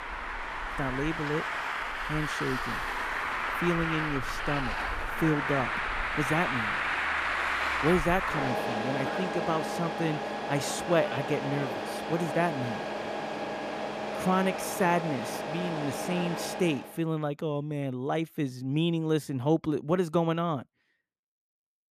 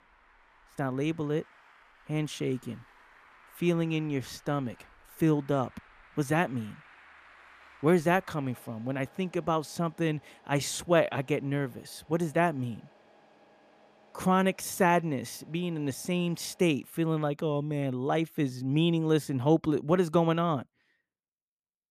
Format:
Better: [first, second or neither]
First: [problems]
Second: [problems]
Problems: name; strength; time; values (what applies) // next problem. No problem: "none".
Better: second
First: traffic noise; loud; until 17 s; 1 dB below the speech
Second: traffic noise; faint; until 17 s; 30 dB below the speech